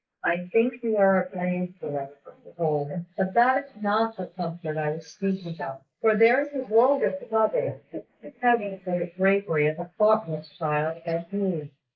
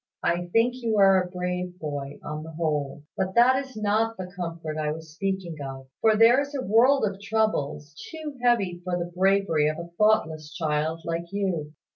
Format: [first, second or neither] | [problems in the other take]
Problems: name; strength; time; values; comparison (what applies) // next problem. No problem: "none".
second | noise reduction (neural mask model Resemble Enhance denoiser)